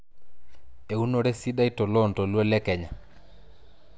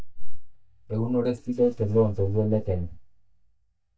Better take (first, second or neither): first